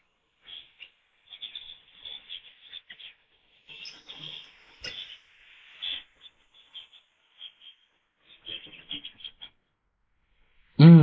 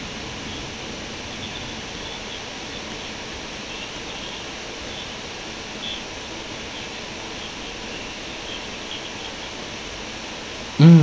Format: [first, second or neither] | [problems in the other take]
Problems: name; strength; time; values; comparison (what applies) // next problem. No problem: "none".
second | noise reduction (neural mask model Resemble Enhance denoiser)